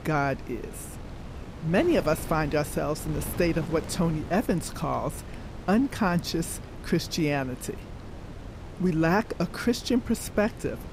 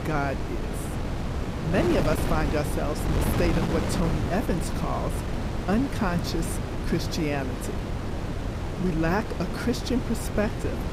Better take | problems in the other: first | wind noise on the microphone; heavy; 3 dB below the speech; occasional gusts in the first

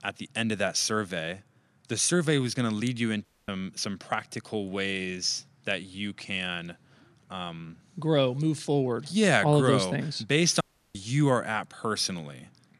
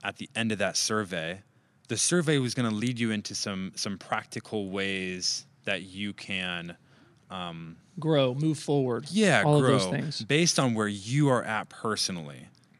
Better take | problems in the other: second | audio cutting out; at 3.5 s and at 11 s

